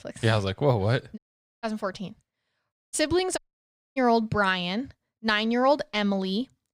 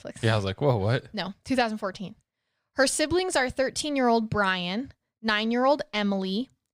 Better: second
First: audio cutting out; at 1 s, at 2.5 s and at 3.5 s for 0.5 s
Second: none

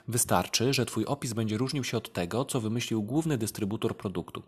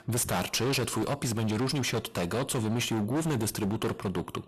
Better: first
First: none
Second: distortion; heavy; 29% of the sound clipped

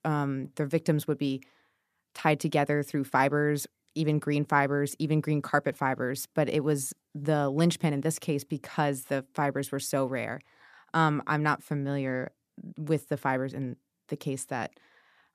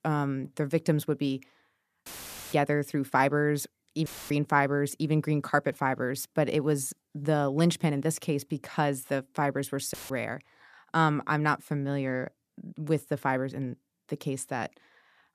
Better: first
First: none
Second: audio cutting out; filled with static; at 2 s, at 4 s and at 10 s

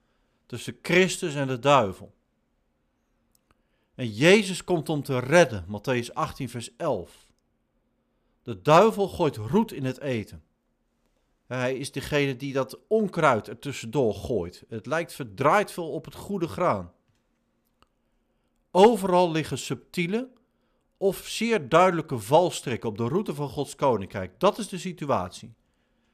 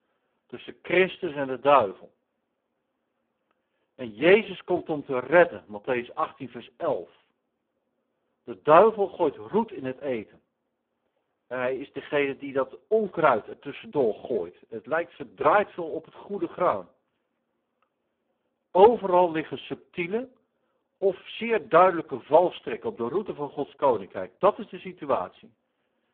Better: first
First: none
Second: phone-call audio; poor line

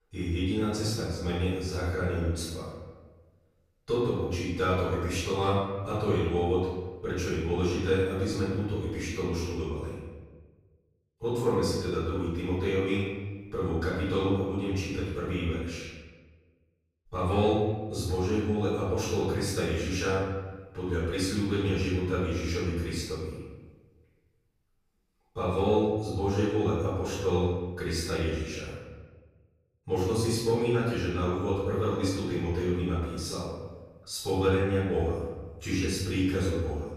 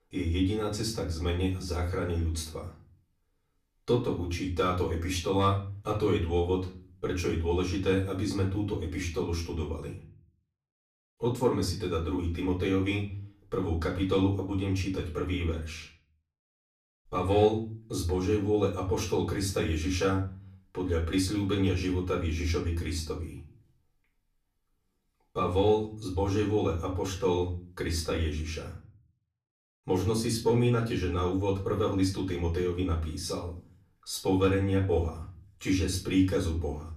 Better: second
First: room echo; strong; dies away in 1.2 s // off-mic speech; far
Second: room echo; slight; dies away in 0.4 s // off-mic speech; far

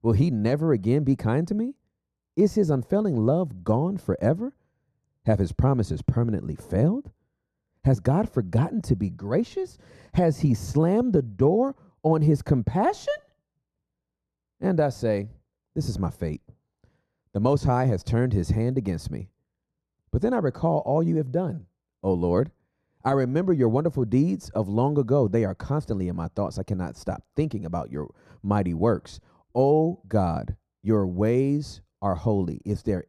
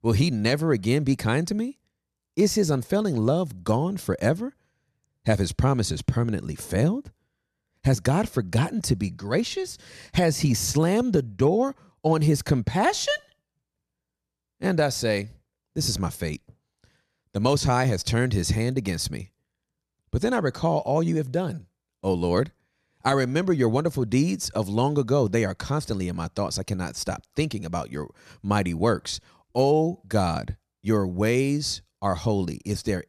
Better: second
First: muffled; slightly; fading above 1.5 kHz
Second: none

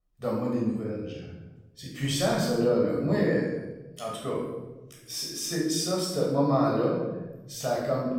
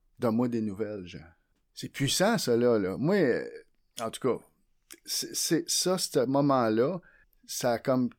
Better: second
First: off-mic speech; far // room echo; strong; dies away in 1.1 s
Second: none

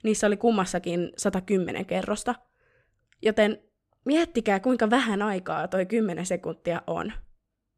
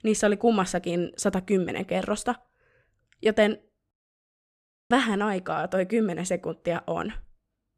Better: first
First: none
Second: audio cutting out; at 4 s for 1 s

